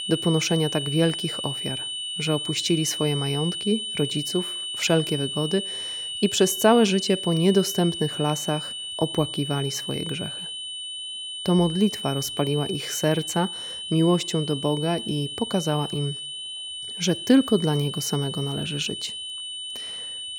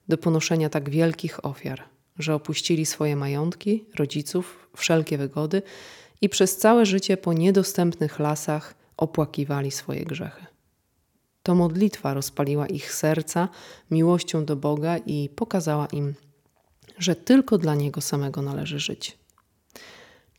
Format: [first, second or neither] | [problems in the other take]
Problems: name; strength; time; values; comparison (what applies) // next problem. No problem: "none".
second | high-pitched whine; loud; throughout; 3 kHz, 6 dB below the speech